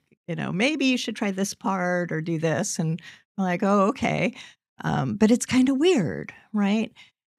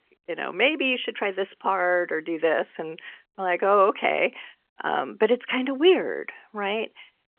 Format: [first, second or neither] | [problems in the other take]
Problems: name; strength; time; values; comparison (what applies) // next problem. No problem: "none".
first | phone-call audio; nothing above 3 kHz